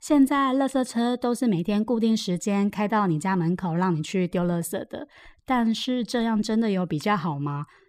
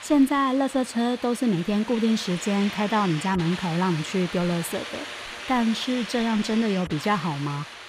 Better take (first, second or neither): first